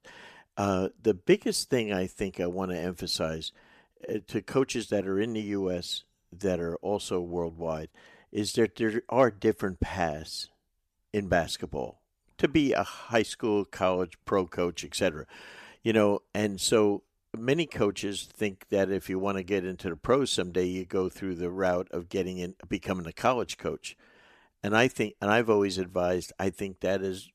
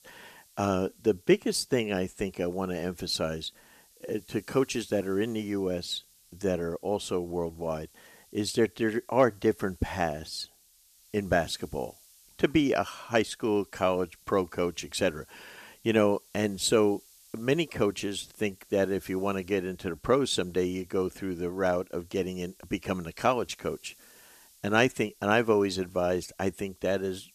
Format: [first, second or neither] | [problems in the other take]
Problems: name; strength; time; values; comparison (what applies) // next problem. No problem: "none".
first | hiss; faint; throughout; 25 dB below the speech